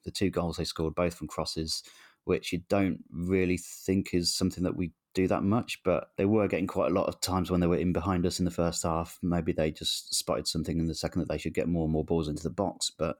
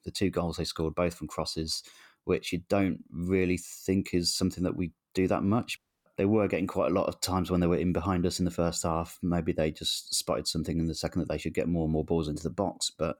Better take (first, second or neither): first